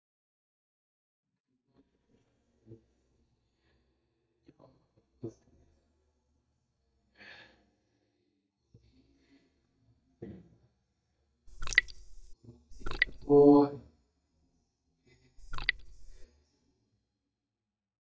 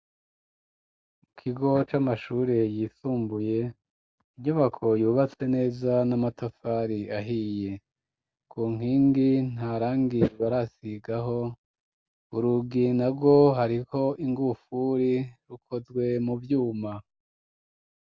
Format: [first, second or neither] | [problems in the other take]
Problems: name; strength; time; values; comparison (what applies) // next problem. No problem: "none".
second | noise reduction (neural mask model DeepFilterNet 3)